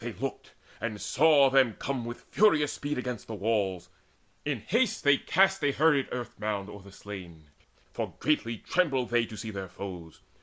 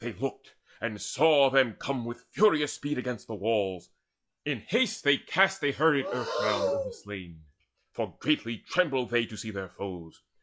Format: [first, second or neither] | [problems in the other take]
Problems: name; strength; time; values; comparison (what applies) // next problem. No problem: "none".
first | noise reduction (classical method log-MMSE)